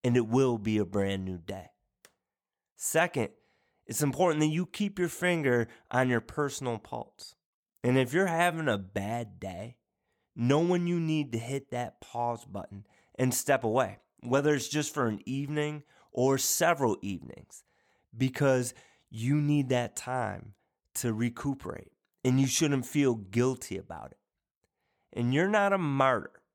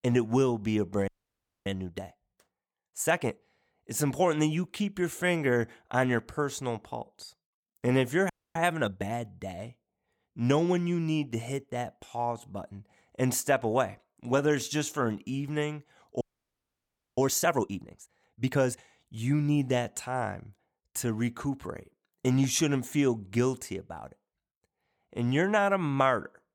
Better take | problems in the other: first | audio freezing; at 1 s for 0.5 s, at 8.5 s and at 16 s for 1 s

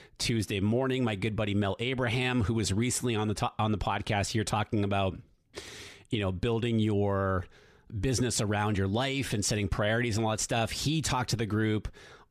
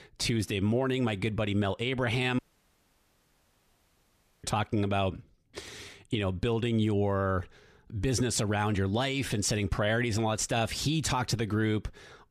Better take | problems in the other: first | audio cutting out; at 2.5 s for 2 s

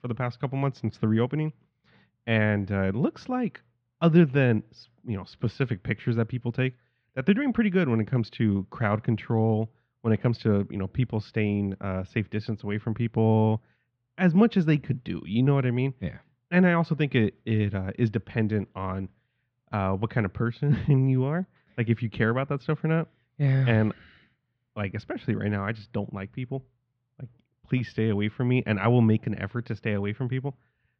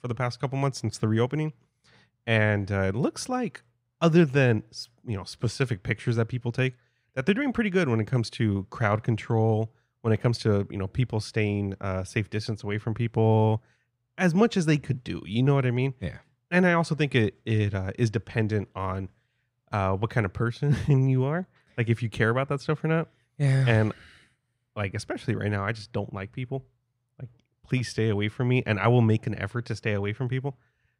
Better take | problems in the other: second | muffled; slightly; fading above 4 kHz

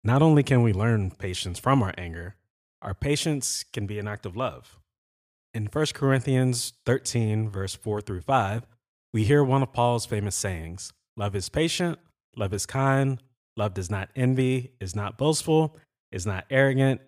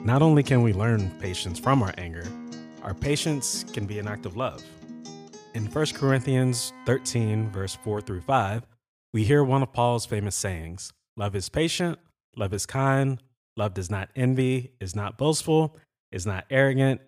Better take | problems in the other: first | background music; noticeable; until 8 s; 15 dB below the speech

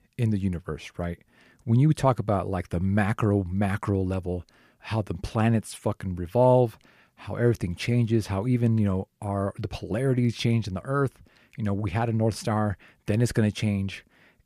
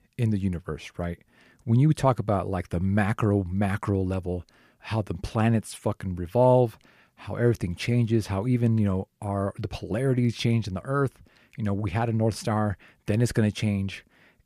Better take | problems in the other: neither | none

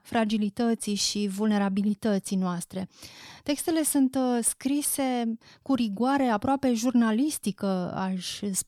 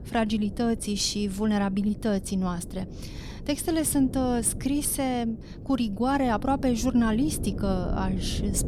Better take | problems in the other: first | wind noise on the microphone; occasional gusts; 15 dB below the speech

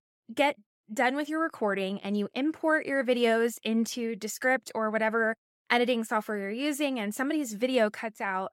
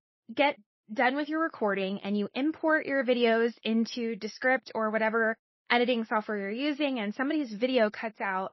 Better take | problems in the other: first | garbled, watery; slightly; nothing above 5.5 kHz

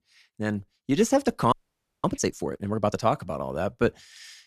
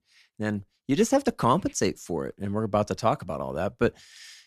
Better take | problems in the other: second | audio freezing; at 1.5 s for 0.5 s

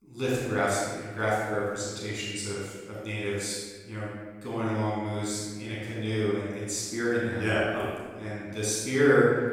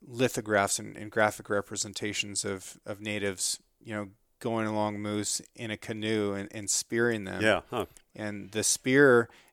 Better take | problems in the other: second | off-mic speech; far // room echo; strong; dies away in 1.4 s

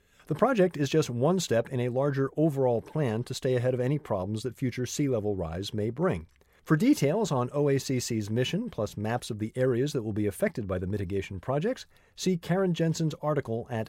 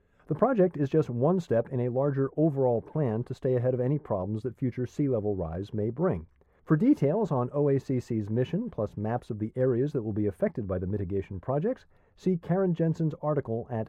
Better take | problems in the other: first | muffled; very; fading above 2 kHz

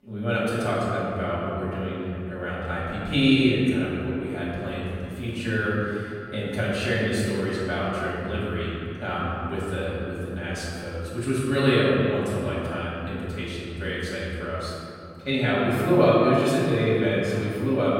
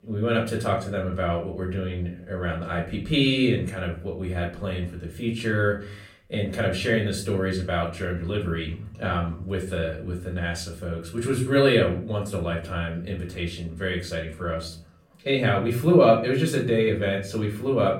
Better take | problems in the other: second | room echo; strong; dies away in 2.5 s; slight in the second // off-mic speech; far; far in the second

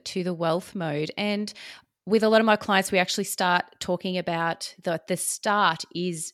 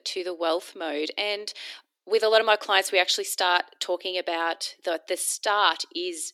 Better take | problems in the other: first | thin; very; fading below 300 Hz

